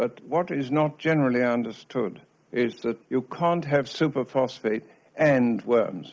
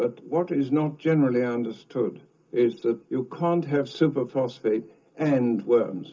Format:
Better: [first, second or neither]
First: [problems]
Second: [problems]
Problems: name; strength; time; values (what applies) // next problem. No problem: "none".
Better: first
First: none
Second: room echo; dies away in 0.2 s